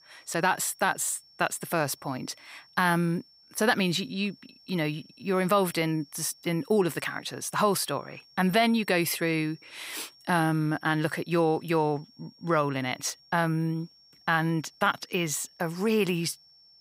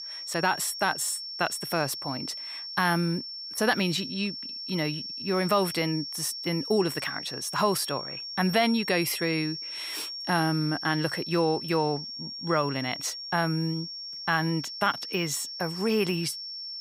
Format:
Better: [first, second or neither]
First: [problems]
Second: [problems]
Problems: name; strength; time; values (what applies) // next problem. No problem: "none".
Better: first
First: high-pitched whine; faint; throughout; 5.5 kHz, 25 dB below the speech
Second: high-pitched whine; loud; throughout; 5.5 kHz, 6 dB below the speech